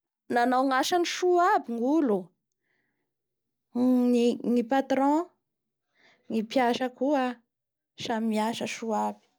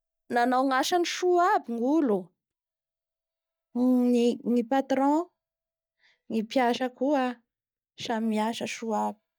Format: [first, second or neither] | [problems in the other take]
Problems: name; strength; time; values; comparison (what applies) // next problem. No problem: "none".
first | noise reduction (neural mask model DeepFilterNet 3)